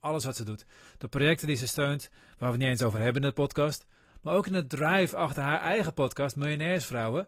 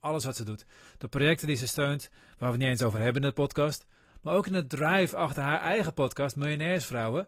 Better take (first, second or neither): neither